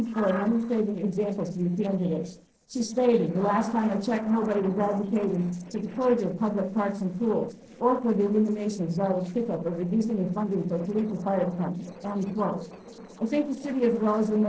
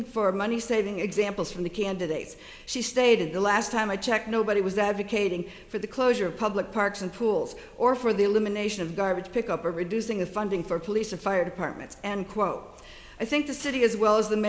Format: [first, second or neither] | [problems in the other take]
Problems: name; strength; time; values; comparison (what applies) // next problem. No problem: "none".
second | noise reduction (neural separator model SepFormer DNS4)